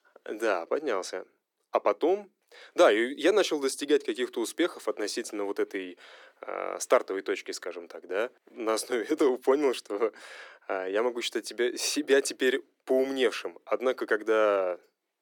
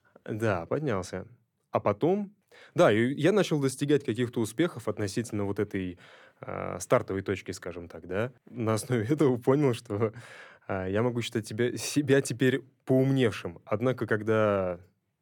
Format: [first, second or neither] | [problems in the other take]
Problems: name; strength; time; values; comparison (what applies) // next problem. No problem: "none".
second | thin; somewhat; fading below 300 Hz